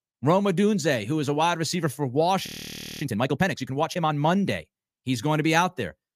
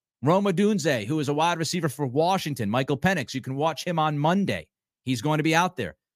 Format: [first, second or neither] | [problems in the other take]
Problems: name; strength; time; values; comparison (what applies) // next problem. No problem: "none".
second | audio freezing; at 2.5 s for 0.5 s